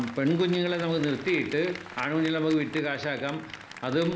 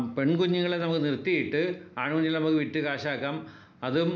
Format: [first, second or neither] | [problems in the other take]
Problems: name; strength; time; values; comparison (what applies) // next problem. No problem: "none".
second | background sound (Applause); 15 dB below the speech